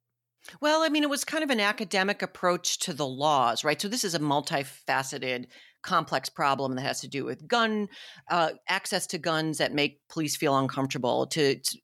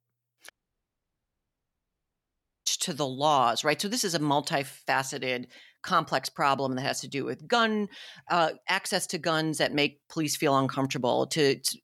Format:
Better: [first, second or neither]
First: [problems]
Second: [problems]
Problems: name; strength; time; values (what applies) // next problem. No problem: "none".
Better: first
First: none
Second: audio cutting out; at 0.5 s for 2 s